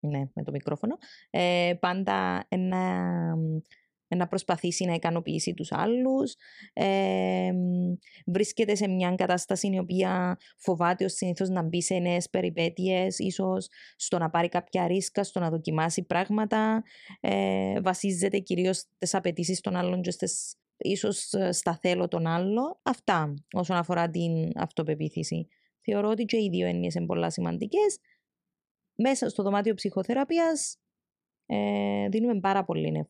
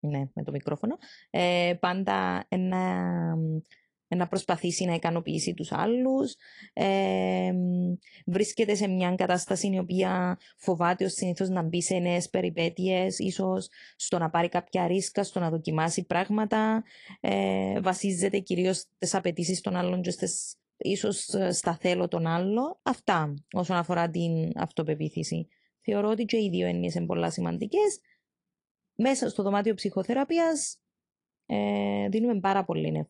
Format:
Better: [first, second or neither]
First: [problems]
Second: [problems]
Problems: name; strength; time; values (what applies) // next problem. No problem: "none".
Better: first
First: none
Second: garbled, watery; slightly; nothing above 10 kHz